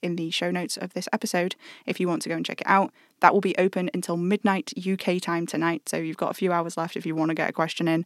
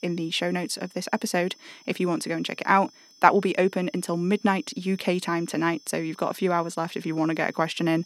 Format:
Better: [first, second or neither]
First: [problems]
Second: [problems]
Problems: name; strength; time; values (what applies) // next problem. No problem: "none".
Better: first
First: none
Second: high-pitched whine; faint; throughout; 5.5 kHz, 25 dB below the speech